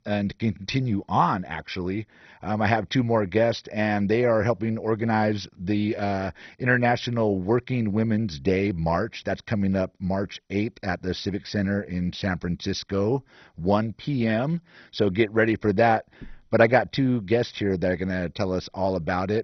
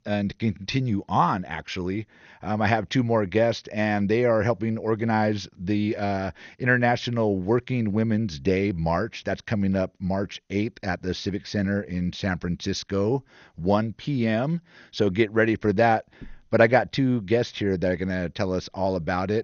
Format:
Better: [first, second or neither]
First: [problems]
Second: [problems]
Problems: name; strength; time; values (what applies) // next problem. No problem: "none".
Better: second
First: garbled, watery; badly; nothing above 6 kHz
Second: garbled, watery; slightly; nothing above 6.5 kHz